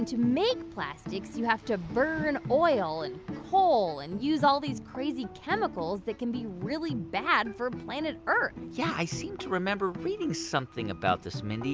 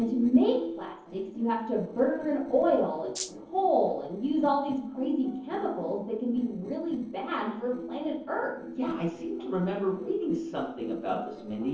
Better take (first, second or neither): first